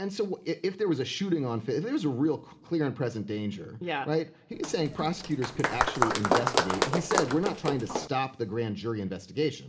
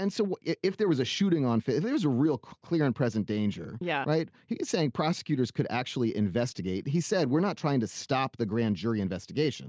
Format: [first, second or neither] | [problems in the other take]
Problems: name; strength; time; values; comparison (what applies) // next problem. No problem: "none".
second | background sound (Applause); 1 dB above the speech // room echo; dies away in 0.8 s